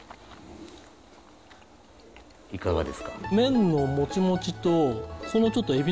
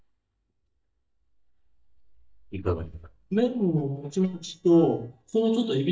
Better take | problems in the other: first | noise reduction (neural mask model DeepFilterNet 3)

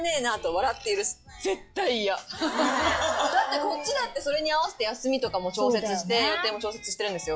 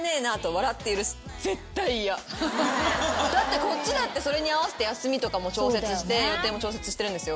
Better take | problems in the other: second | noise reduction (classical method log-MMSE)

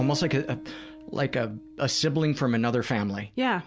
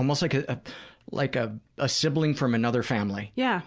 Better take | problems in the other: second | background sound (Acoustic guitar); 16 dB below the speech

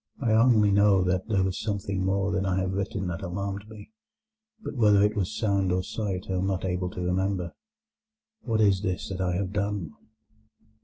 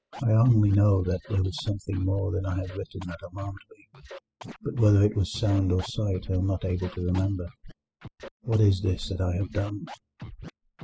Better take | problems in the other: first | noise reduction (classical method spectral subtraction)

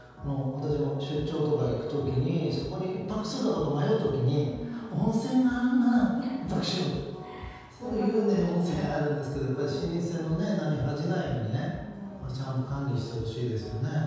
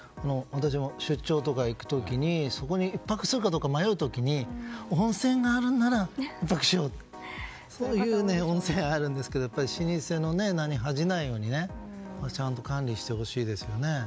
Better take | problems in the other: second | room echo; dies away in 1.2 s

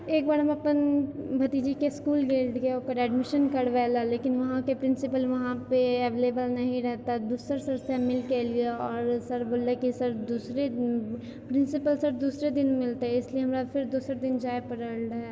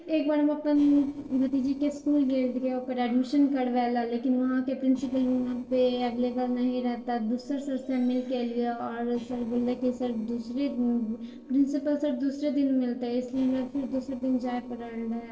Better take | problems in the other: first | noise reduction (neural separator model SepFormer DNS4)

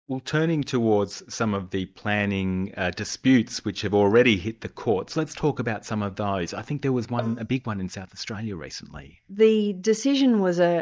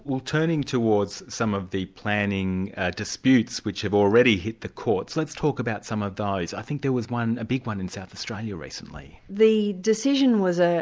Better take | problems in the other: second | noise reduction (neural mask model DeepFilterNet 3)

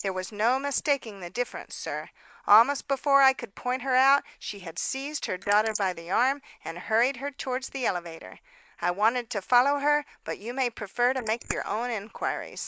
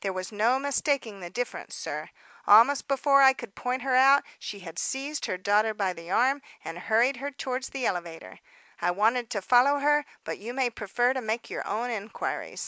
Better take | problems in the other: second | noise reduction (neural mask model Resemble Enhance denoiser)

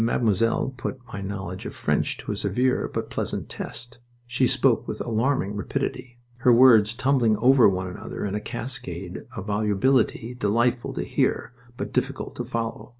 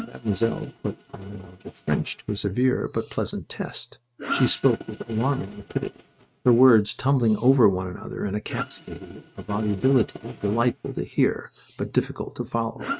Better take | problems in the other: first | noise reduction (neural mask model RNNoise)

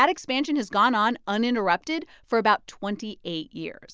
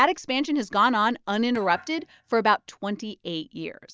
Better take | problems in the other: first | noise reduction (neural mask model DeepFilterNet 3)

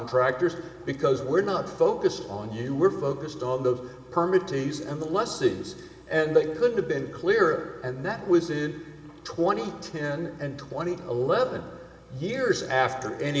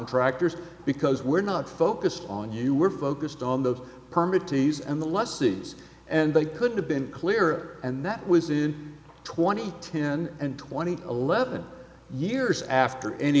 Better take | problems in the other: second | room echo; dies away in 2.7 s

